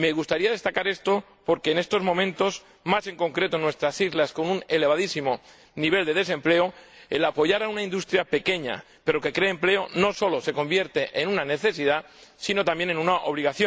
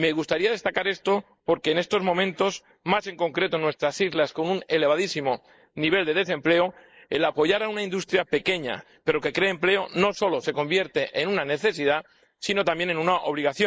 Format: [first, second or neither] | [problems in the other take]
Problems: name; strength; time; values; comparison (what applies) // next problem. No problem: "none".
first | noise reduction (neural mask model Resemble Enhance denoiser)